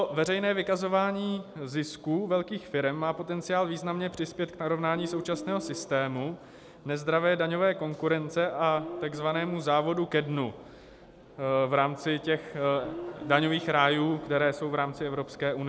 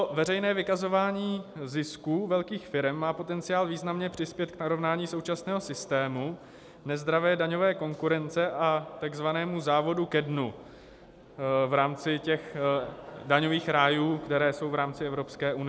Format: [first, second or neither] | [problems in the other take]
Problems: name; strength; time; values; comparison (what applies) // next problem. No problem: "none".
second | background sound (Guitar); 11 dB below the speech